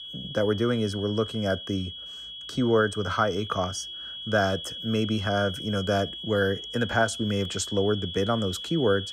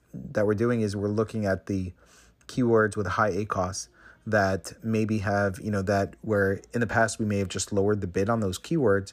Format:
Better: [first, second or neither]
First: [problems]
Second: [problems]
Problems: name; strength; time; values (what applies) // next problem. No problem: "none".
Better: second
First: high-pitched whine; loud; throughout; 3.5 kHz, 8 dB below the speech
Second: none